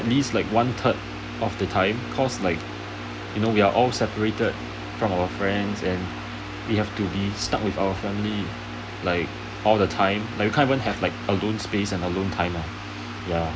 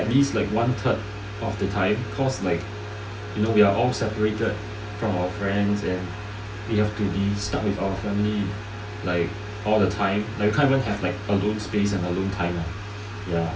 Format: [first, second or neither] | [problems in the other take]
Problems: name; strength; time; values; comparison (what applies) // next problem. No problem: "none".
first | room echo; dies away in 0.3 s